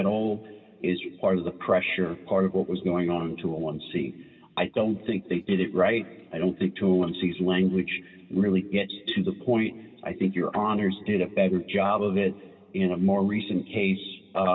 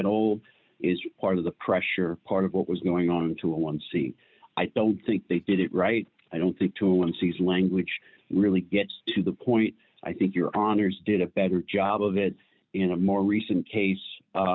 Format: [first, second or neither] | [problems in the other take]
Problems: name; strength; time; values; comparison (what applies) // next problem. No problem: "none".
second | room echo; dies away in 1.6 s